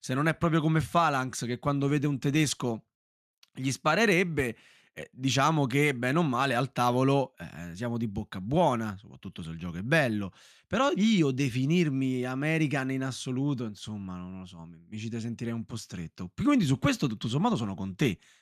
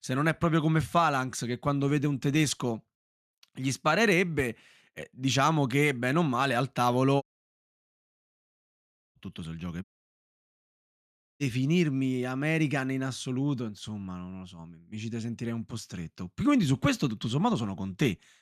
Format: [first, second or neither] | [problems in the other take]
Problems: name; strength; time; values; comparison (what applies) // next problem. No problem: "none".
first | audio cutting out; at 7 s for 2 s and at 10 s for 1.5 s